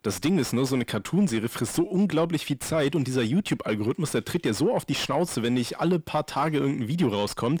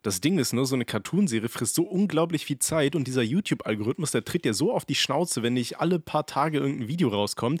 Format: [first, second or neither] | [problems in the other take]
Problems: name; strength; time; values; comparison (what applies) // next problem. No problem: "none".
second | distortion; slight; 10 dB below the speech